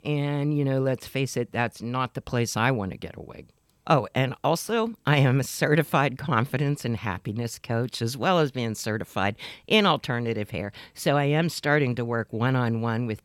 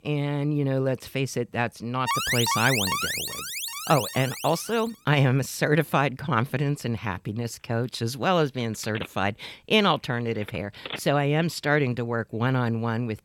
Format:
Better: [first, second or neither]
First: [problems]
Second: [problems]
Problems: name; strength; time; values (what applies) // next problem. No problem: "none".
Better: first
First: none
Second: alarm; loud; from 2 to 4.5 s; peak 2 dB above the speech // phone ringing; faint; from 8.5 to 11 s; peak 10 dB below the speech